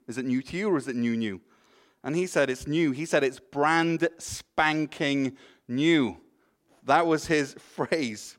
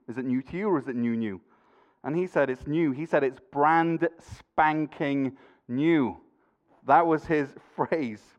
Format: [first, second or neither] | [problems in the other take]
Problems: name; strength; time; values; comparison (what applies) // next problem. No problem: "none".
first | muffled; very; fading above 3 kHz